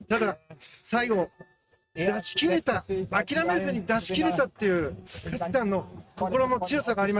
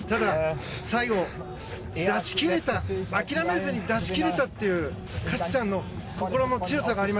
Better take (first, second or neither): second